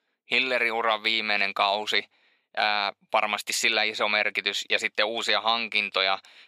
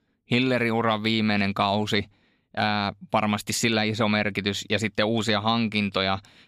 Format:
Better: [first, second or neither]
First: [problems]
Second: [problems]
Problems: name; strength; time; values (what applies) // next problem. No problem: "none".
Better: second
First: thin; very; fading below 600 Hz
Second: none